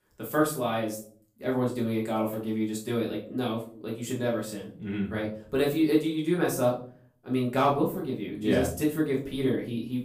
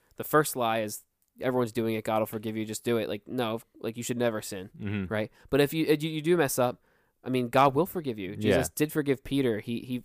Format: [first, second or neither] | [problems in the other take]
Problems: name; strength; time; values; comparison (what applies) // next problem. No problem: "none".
second | off-mic speech; far // room echo; slight; dies away in 0.4 s